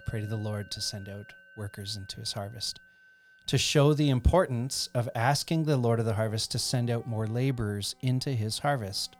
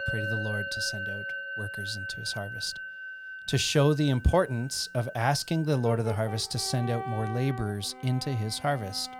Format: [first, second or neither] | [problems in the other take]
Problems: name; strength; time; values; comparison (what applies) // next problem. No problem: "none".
first | background music; loud; throughout; 9 dB below the speech; faint in the first